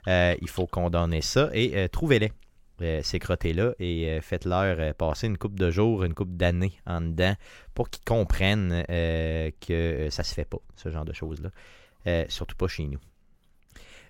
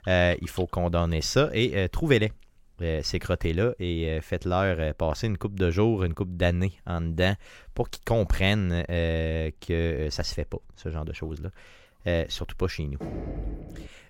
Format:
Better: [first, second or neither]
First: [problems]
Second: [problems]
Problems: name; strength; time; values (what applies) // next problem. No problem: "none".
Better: first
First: none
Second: door banging; noticeable; at 13 s; peak 8 dB below the speech